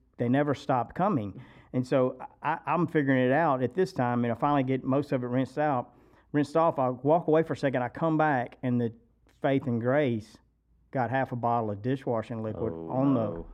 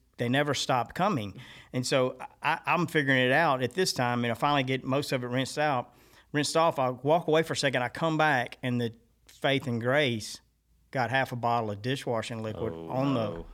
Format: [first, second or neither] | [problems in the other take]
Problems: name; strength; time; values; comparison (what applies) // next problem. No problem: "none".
second | muffled; very; fading above 2 kHz